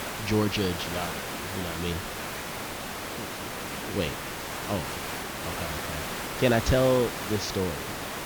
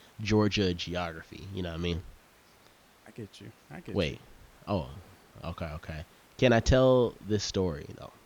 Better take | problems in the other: second | hiss; loud; throughout; 4 dB below the speech; faint in the second

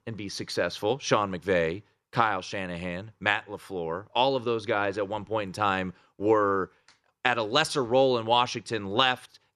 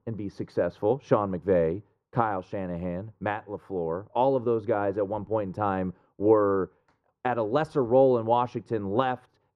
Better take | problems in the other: first | muffled; very; fading above 1.5 kHz

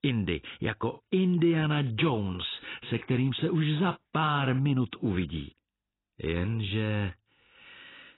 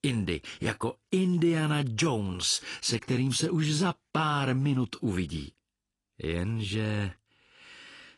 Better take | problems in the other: second | garbled, watery; badly; nothing above 4 kHz; slightly in the second

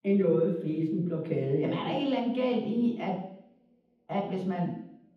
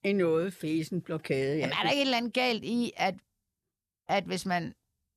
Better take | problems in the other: second | room echo; noticeable; dies away in 0.8 s // off-mic speech; far

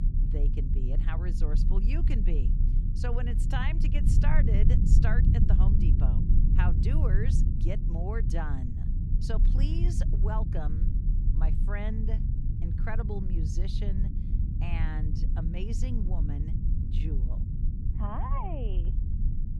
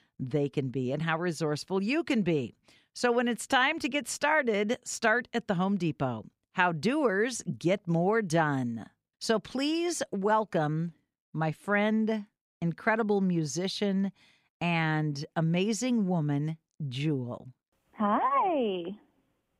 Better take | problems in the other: second | low rumble; loud; throughout; 3 dB below the speech

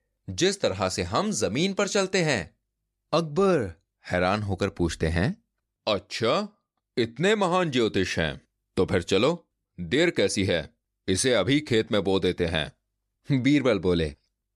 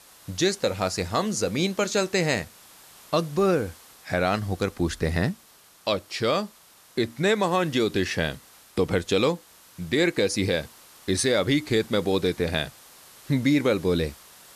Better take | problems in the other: first | hiss; faint; throughout; 25 dB below the speech

